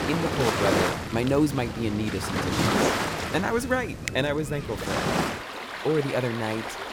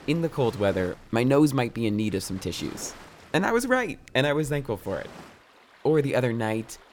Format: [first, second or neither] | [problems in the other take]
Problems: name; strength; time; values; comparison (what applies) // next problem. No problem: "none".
second | rain or running water; loud; throughout; 1 dB below the speech; faint in the second